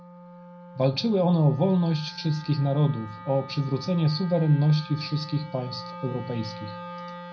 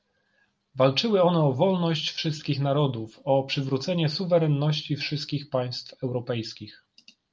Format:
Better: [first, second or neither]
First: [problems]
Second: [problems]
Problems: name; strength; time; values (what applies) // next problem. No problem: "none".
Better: second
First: background sound (Wind instrument, woodwind instrument); 16 dB below the speech // room echo; dies away in 0.5 s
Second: none